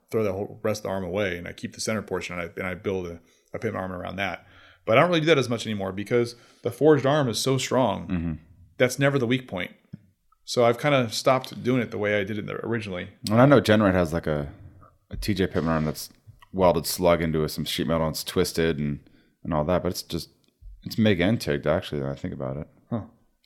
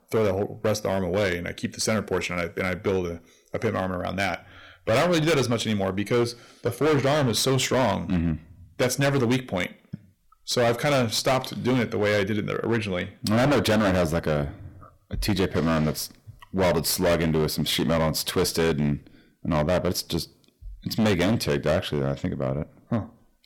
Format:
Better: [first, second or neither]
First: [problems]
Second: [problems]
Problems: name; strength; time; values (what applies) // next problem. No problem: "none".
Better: first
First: none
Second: distortion; heavy; 14% of the sound clipped